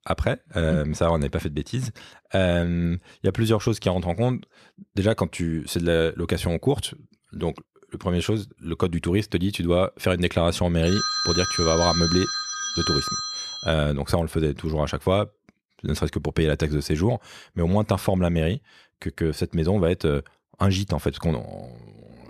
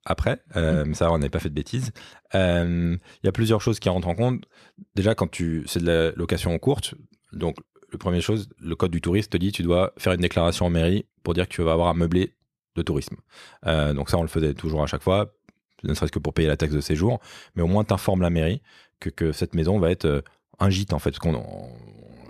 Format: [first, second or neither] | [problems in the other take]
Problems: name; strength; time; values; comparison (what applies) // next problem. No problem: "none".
second | phone ringing; loud; from 11 to 14 s; peak 2 dB above the speech